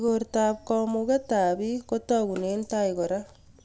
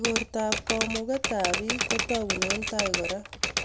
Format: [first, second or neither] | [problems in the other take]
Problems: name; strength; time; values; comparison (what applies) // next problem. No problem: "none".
first | background sound (Typewriter); 1 dB above the speech